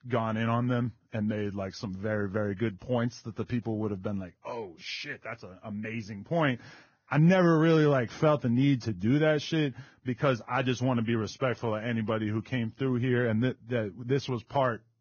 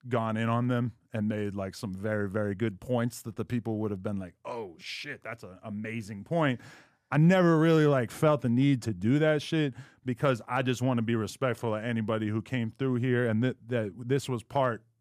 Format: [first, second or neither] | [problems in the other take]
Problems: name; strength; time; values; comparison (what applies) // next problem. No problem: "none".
second | garbled, watery; badly; nothing above 6.5 kHz